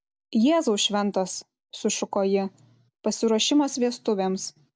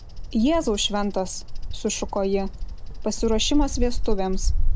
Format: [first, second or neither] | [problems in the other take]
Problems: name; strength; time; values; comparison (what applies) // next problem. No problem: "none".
first | background sound (Bird vocalization, bird call, bird song); 2 dB above the speech